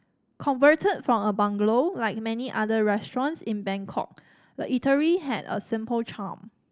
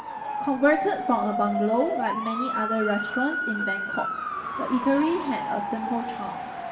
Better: first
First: none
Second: background sound (Motor vehicle (road) / Siren); 3 dB below the speech // room echo; dies away in 0.7 s

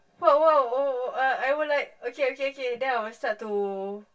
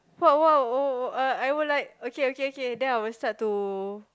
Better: second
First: room echo; dies away in 0.1 s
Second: none

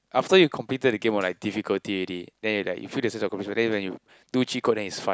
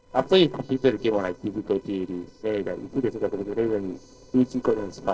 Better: first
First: none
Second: noise reduction (neural separator model SepFormer DNS4)

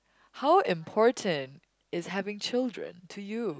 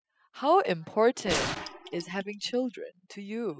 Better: first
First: none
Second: noise reduction (classical method spectral subtraction)

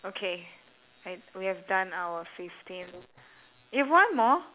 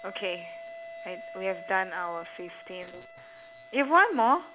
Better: first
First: none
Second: background sound (Wind instrument, woodwind instrument); 15 dB below the speech

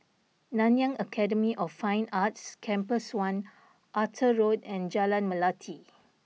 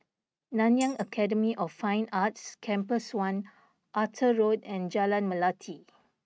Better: first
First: none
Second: noise reduction (neural mask model RNNoise)

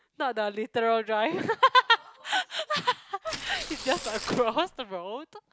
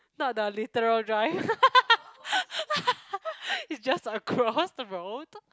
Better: second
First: background sound (Tearing); 11 dB below the speech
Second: none

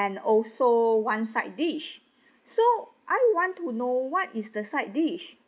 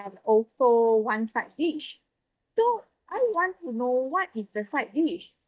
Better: first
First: none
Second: noise reduction (neural mask model DeepFilterNet 3)

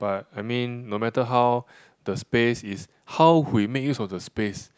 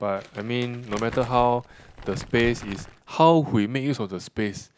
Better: first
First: none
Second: background sound (Crumpling, crinkling); 16 dB below the speech

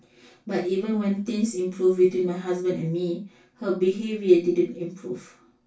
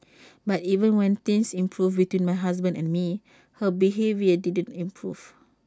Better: second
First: room echo; dies away in 0.2 s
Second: none

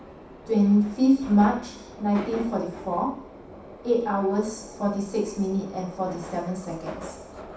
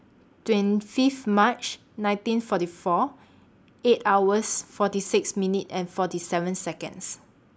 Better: second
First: background sound (Subway, metro, underground); 15 dB below the speech // room echo; dies away in 0.7 s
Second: none

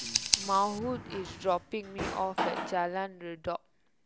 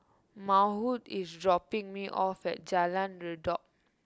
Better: second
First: background sound (Drawer open or close + Scissors); 3 dB below the speech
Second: none

